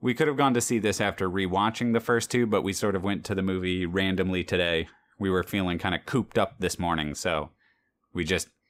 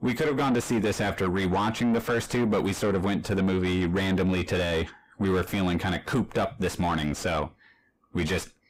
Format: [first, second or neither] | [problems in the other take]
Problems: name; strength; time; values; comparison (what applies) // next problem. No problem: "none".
first | distortion; heavy; 5 dB below the speech